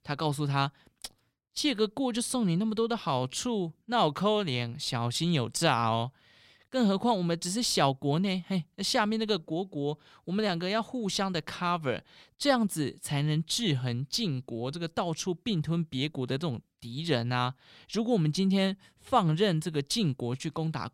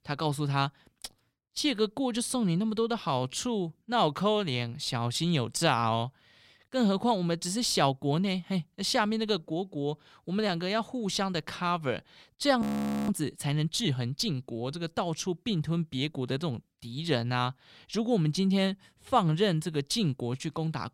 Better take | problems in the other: first | audio freezing; at 13 s

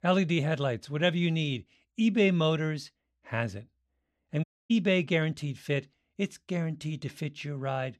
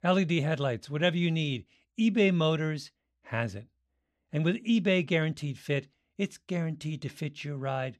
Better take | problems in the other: second | audio cutting out; at 4.5 s

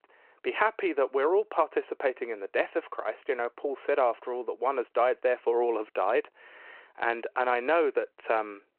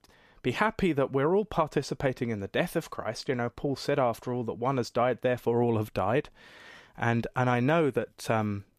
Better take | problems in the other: second | phone-call audio

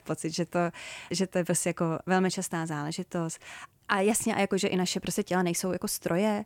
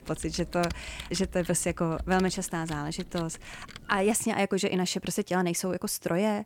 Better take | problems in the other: first | keyboard typing; noticeable; until 4 s; peak 10 dB below the speech

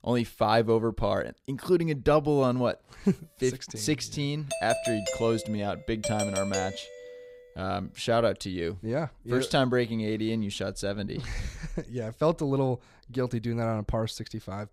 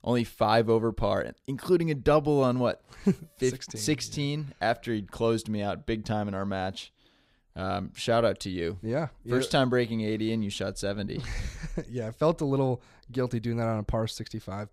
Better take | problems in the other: second | doorbell; noticeable; from 4.5 to 7 s; peak 2 dB below the speech

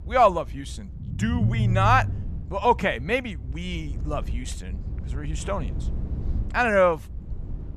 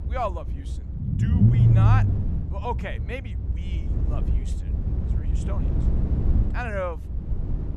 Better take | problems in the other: first | low rumble; loud; throughout; 4 dB below the speech; faint in the first

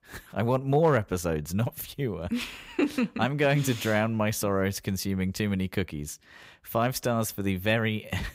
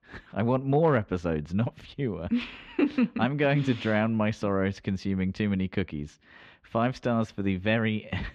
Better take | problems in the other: first | muffled; slightly; fading above 3.5 kHz

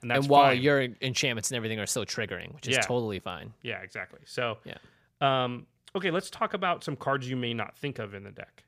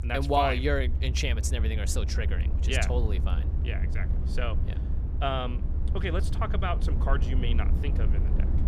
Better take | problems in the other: first | low rumble; noticeable; throughout; 15 dB below the speech

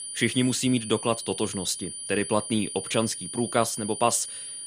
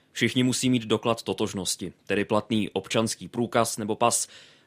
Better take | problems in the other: second | high-pitched whine; loud; throughout; 9.5 kHz, 7 dB below the speech

